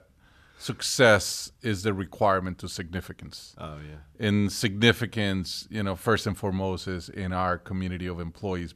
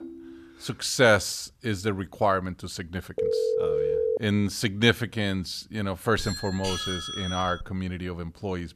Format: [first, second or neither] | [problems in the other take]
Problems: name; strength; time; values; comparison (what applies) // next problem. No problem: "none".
first | phone ringing; faint; at the start; peak 15 dB below the speech // phone ringing; loud; at 3 s; peak 2 dB above the speech // doorbell; noticeable; from 6 to 7.5 s; peak 3 dB below the speech